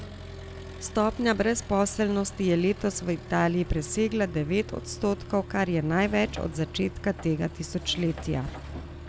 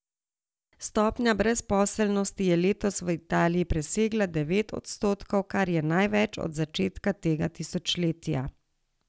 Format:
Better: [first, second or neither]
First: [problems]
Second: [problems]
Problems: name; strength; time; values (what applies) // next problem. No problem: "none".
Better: second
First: background sound (Accelerating, revving, vroom); 13 dB below the speech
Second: none